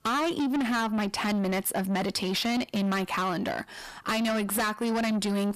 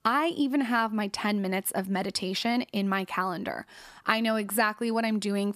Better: second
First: distortion; heavy; 7 dB below the speech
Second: none

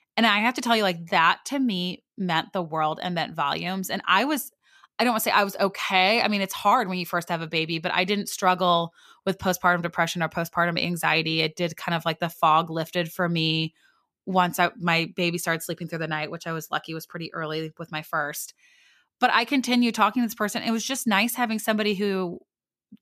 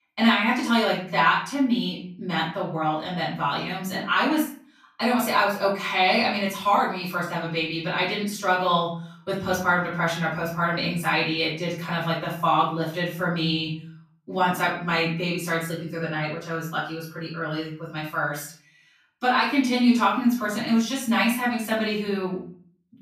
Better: first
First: none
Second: room echo; noticeable; dies away in 0.5 s // off-mic speech; far

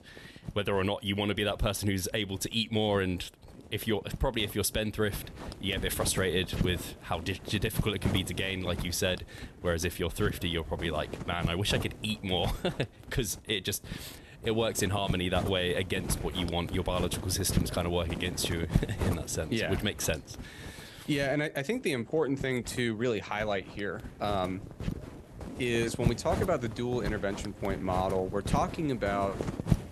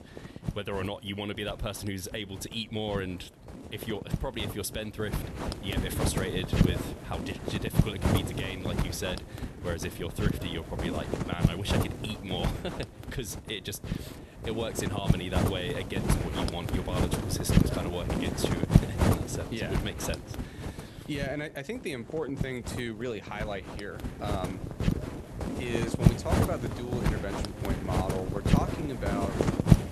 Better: first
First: wind noise on the microphone; occasional gusts; 10 dB below the speech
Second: wind noise on the microphone; heavy; as loud as the speech

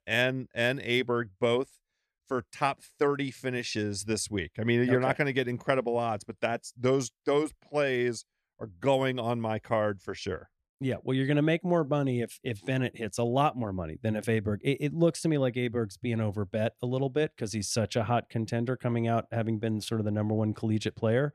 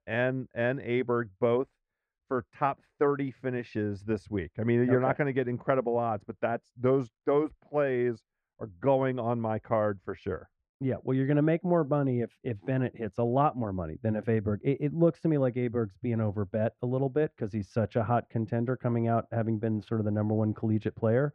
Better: first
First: none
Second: muffled; very; fading above 3.5 kHz

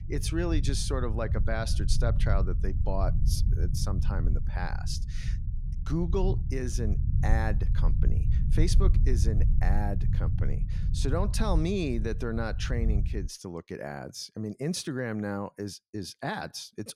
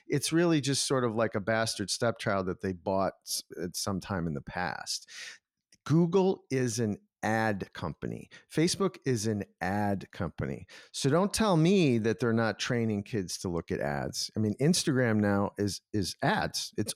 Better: second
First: low rumble; loud; until 13 s; 10 dB below the speech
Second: none

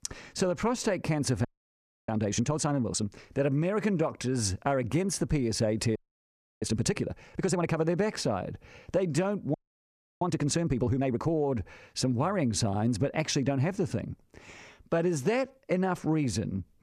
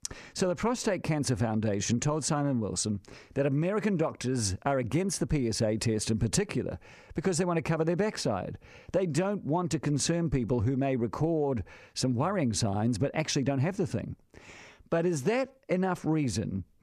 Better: second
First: audio freezing; at 1.5 s for 0.5 s, at 6 s for 0.5 s and at 9.5 s for 0.5 s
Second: none

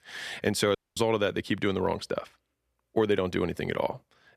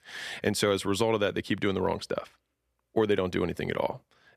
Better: second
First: audio cutting out; at 1 s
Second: none

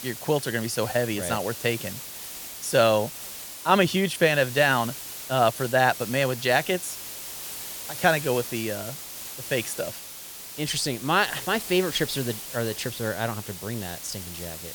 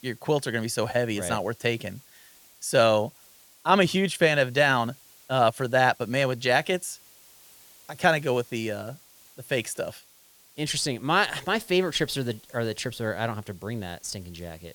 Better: second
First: hiss; loud; throughout; 10 dB below the speech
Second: hiss; faint; throughout; 25 dB below the speech

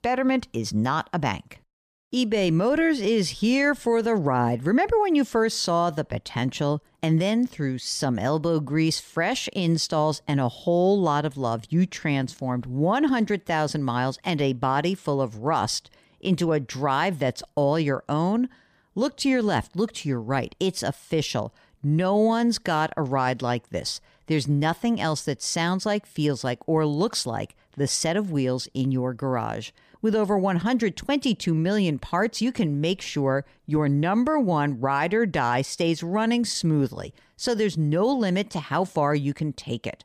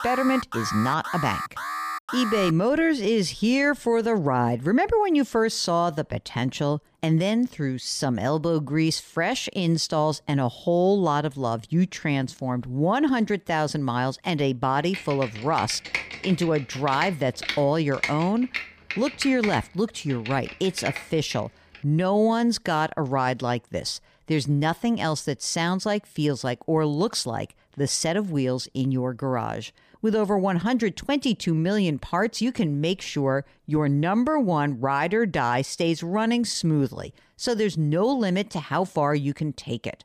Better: first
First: none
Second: alarm; noticeable; until 2.5 s; peak 5 dB below the speech // keyboard typing; noticeable; from 15 to 21 s; peak 4 dB below the speech

